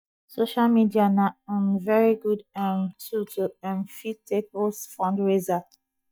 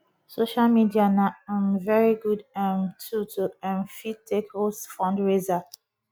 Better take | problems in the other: second | noise reduction (neural mask model DeepFilterNet 3)

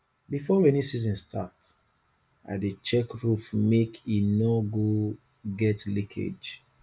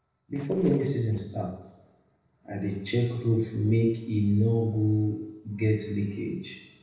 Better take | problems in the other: first | noise reduction (neural separator model SepFormer DNS4)

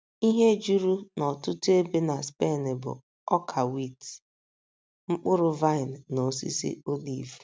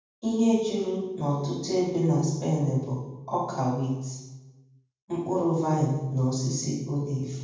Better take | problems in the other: first | room echo; dies away in 1.2 s

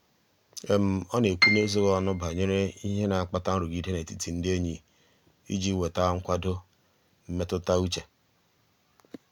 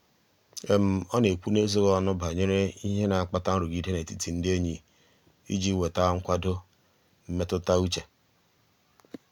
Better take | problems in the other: second | background sound (Piano); 1 dB below the speech

